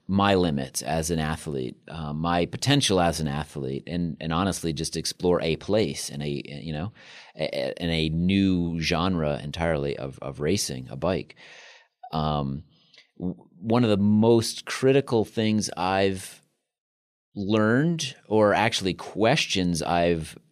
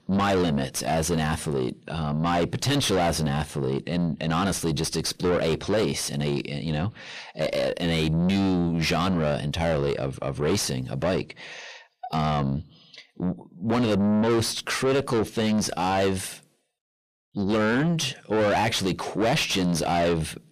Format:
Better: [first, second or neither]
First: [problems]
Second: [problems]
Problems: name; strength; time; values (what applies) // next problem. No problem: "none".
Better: first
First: none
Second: distortion; heavy; 5 dB below the speech